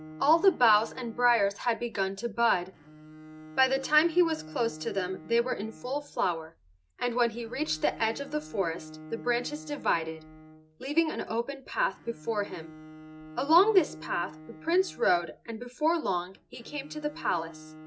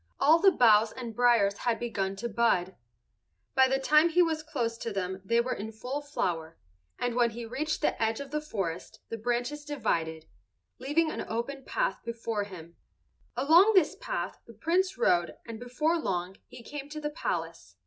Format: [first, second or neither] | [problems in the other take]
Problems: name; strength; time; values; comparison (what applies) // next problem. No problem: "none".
second | background sound (Bowed string instrument); 17 dB below the speech